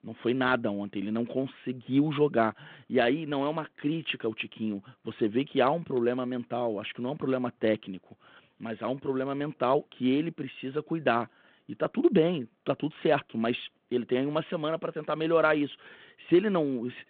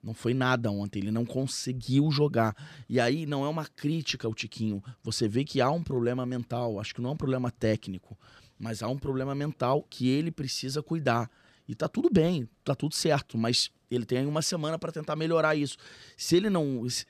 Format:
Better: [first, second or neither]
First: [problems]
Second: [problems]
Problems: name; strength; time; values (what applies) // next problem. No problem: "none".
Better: second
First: phone-call audio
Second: none